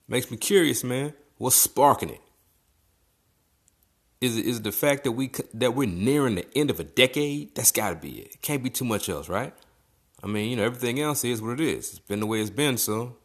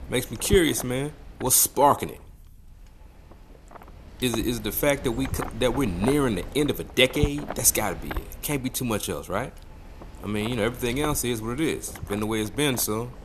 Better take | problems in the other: first | wind noise on the microphone; occasional gusts; 15 dB below the speech

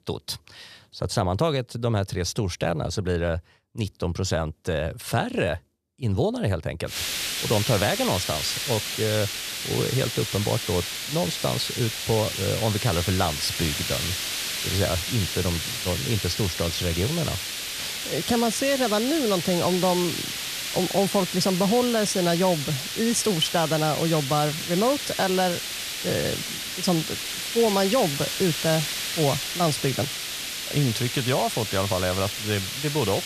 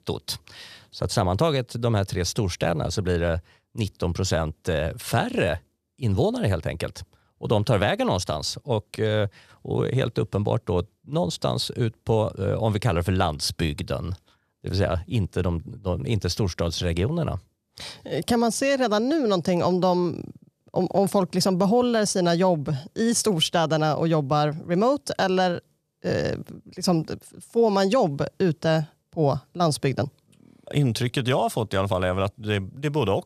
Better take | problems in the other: second | hiss; loud; from 7 s on; 3 dB below the speech

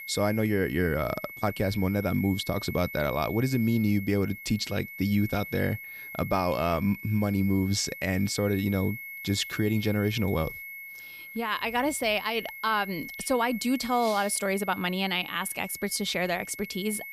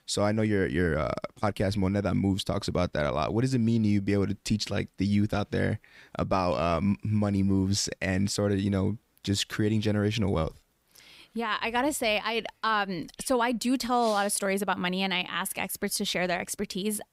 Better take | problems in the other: second | high-pitched whine; noticeable; throughout; 2 kHz, 10 dB below the speech

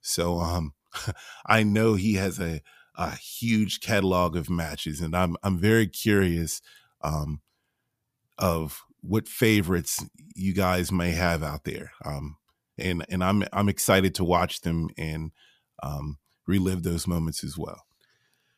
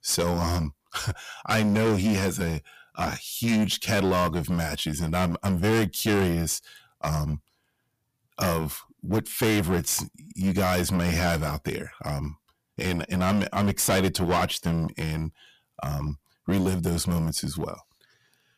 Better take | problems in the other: first | distortion; heavy; 11% of the sound clipped

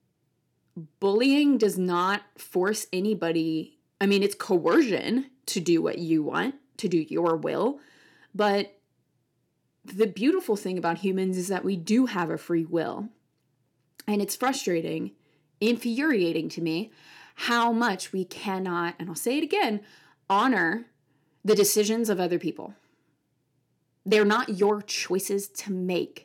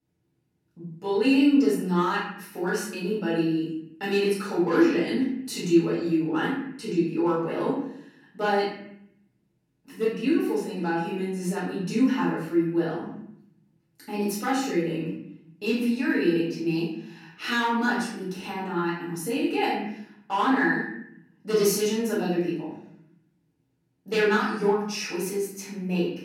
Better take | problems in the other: first | off-mic speech; far // room echo; noticeable; dies away in 0.7 s

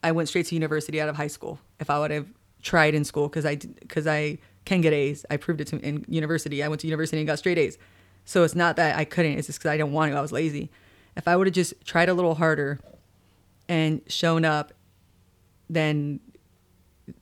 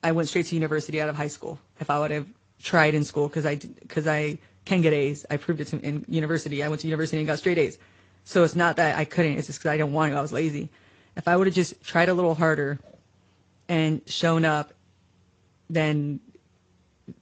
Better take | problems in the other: first | garbled, watery; slightly; nothing above 7.5 kHz

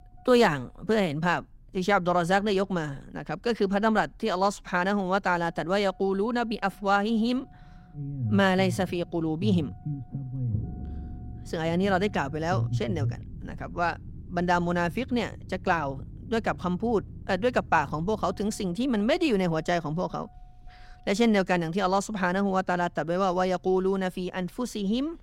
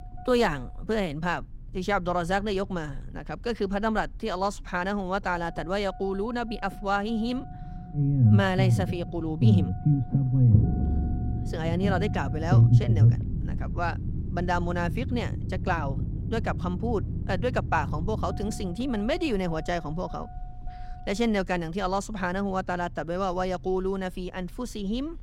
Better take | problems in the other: first | low rumble; loud; throughout; 9 dB below the speech; faint in the first

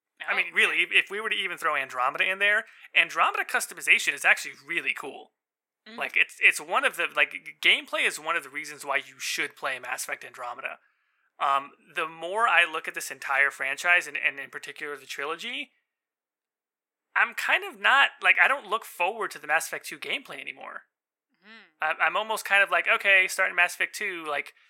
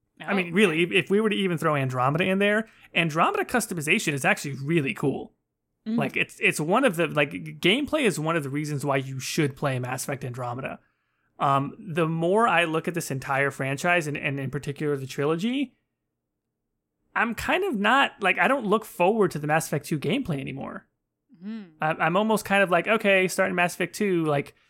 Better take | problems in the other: second | thin; very; fading below 750 Hz

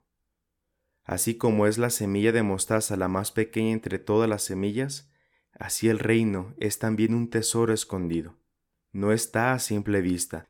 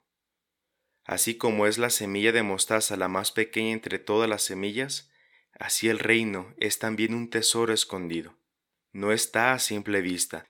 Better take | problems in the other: first | thin; very slightly; fading below 450 Hz

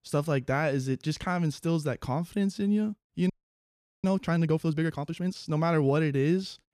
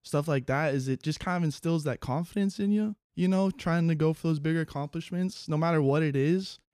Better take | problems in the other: second | audio freezing; at 3.5 s for 0.5 s

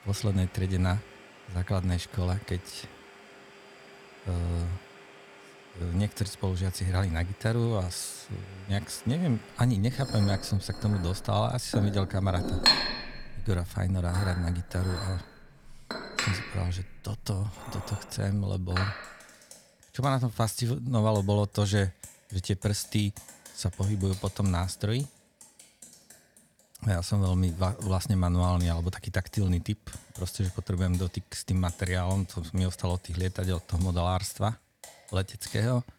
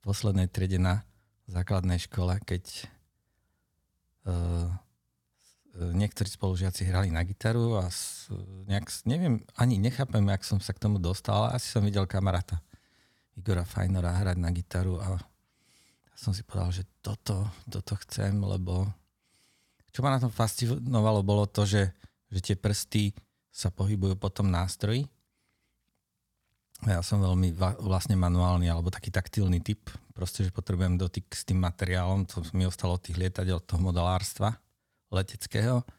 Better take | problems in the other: second | household noises; loud; throughout; 6 dB below the speech

